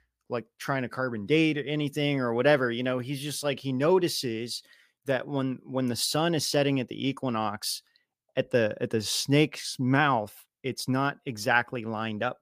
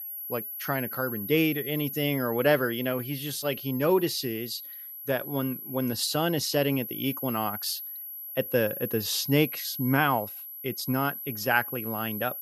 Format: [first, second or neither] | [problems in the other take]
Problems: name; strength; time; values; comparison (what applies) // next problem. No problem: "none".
first | high-pitched whine; loud; throughout; 11.5 kHz, 7 dB below the speech